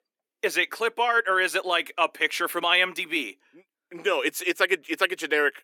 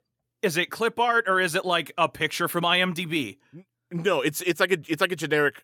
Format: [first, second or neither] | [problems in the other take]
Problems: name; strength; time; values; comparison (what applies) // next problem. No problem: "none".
second | thin; somewhat; fading below 300 Hz